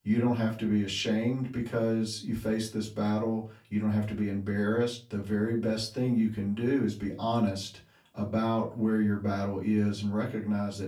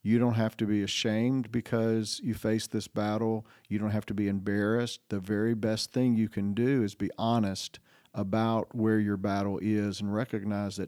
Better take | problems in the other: second | off-mic speech; far // room echo; very slight; dies away in 0.3 s

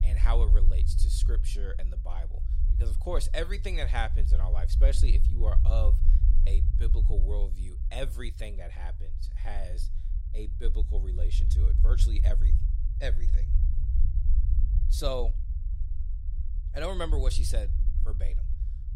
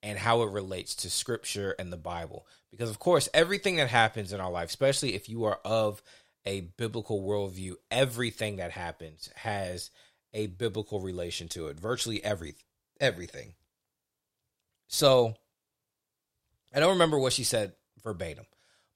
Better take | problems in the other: second | low rumble; noticeable; throughout; 10 dB below the speech

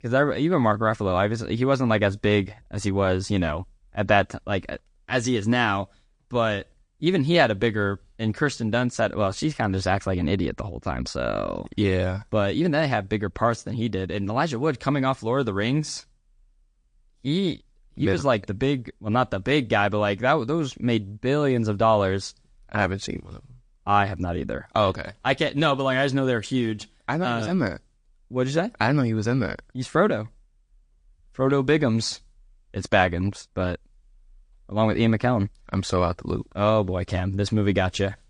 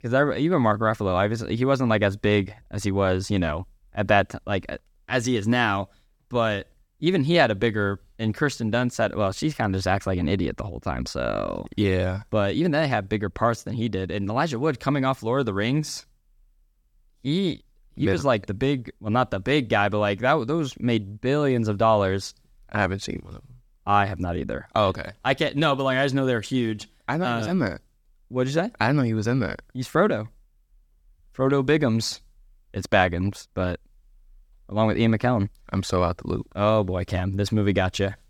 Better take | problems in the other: second | garbled, watery; slightly; nothing above 9 kHz

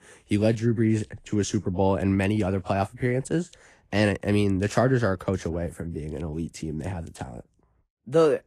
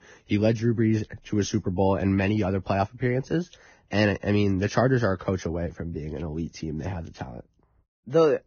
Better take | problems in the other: first | garbled, watery; badly; nothing above 6.5 kHz; slightly in the first

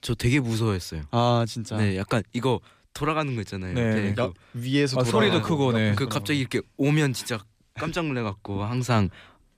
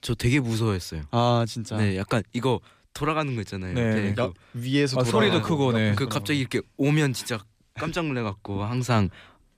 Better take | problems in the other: neither | none

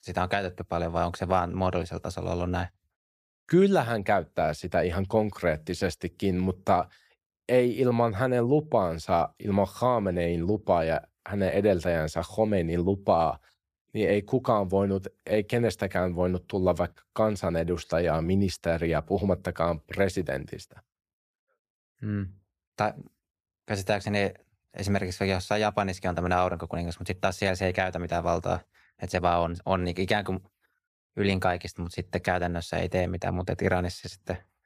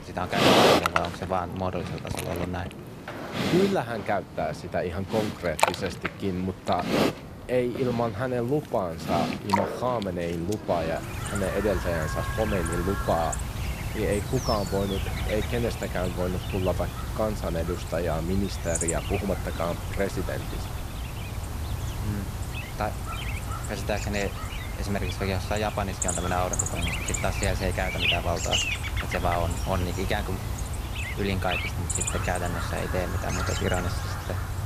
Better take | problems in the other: first | animal sounds; very loud; throughout; as loud as the speech

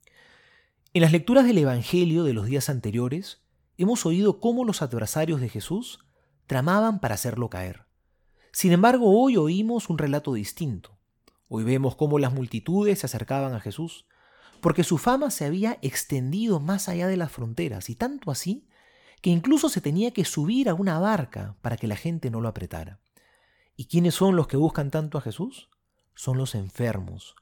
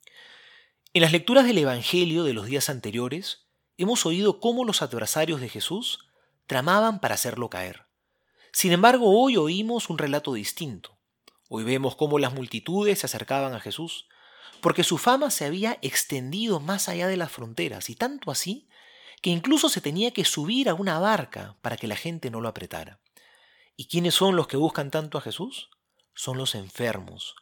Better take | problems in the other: first | thin; very slightly; fading below 900 Hz

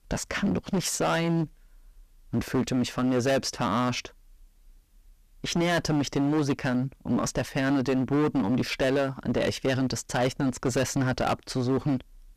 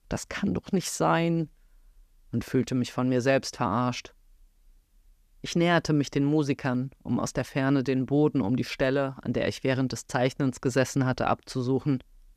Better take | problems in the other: second | distortion; heavy; 13% of the sound clipped

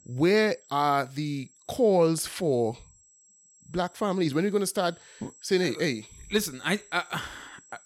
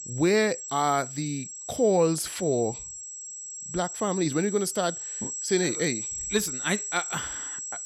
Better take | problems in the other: first | high-pitched whine; loud; throughout; 7.5 kHz, 6 dB below the speech; faint in the first

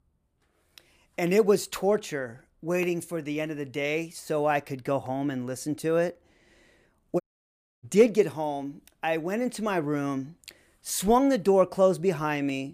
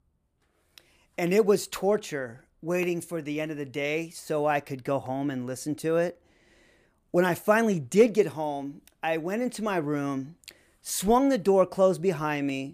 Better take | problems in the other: second | audio cutting out; at 7 s for 0.5 s

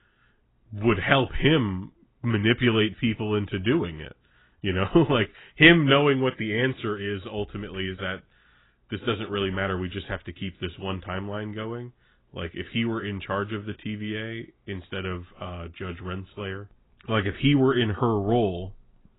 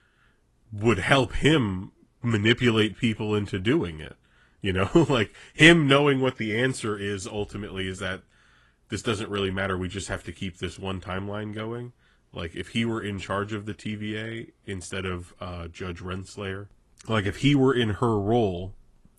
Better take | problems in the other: second | garbled, watery; badly; nothing above 3.5 kHz; slightly in the second

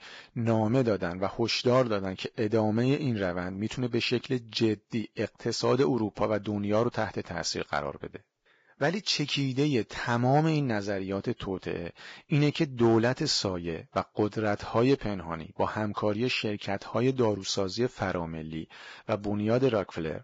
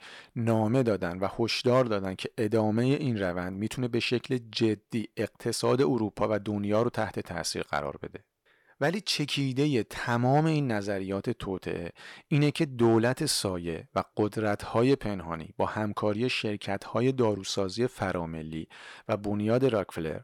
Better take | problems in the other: second | garbled, watery; badly; nothing above 7.5 kHz

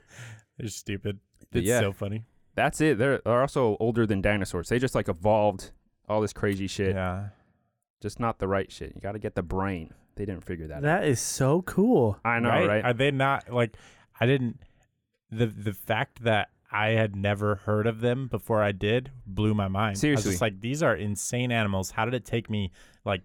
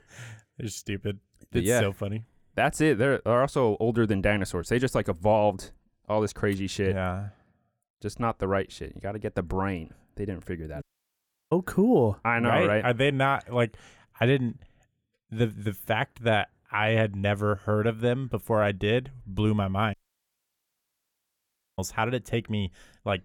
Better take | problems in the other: first | audio cutting out; at 11 s for 0.5 s and at 20 s for 2 s

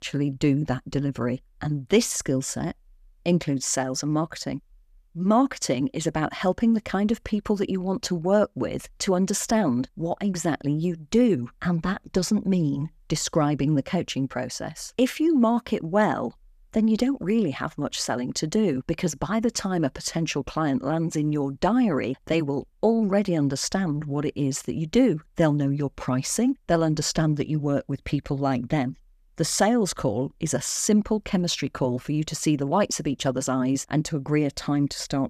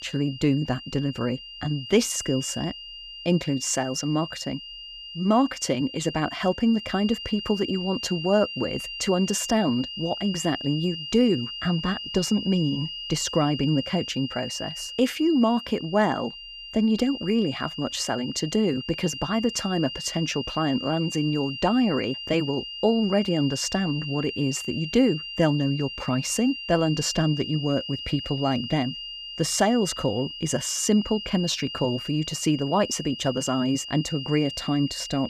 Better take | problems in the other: first | high-pitched whine; loud; throughout; 3 kHz, 9 dB below the speech

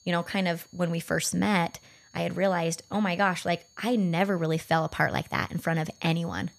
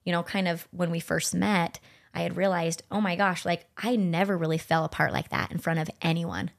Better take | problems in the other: second | high-pitched whine; faint; throughout; 6.5 kHz, 30 dB below the speech

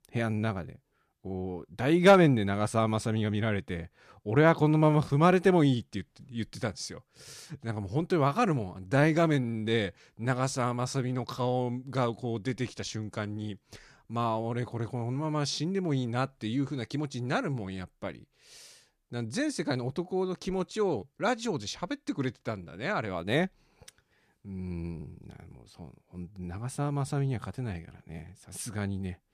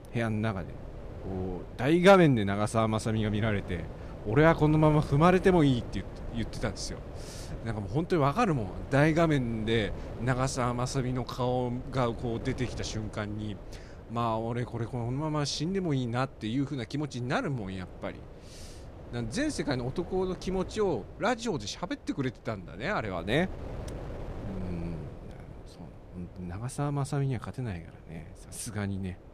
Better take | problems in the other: first | wind noise on the microphone; occasional gusts; 20 dB below the speech

